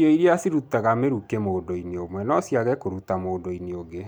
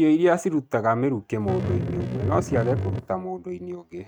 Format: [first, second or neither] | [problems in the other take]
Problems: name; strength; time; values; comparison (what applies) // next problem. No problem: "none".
first | noise reduction (neural mask model RNNoise)